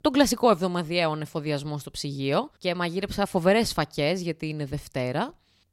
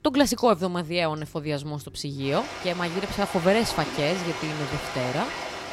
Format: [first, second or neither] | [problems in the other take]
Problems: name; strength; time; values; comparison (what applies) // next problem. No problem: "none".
first | rain or running water; loud; throughout; 7 dB below the speech